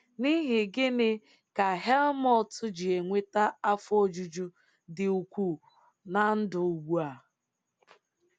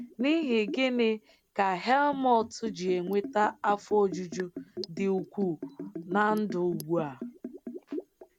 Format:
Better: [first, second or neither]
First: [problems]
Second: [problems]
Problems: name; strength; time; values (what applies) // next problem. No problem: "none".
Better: first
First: none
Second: background sound (Liquid); 12 dB below the speech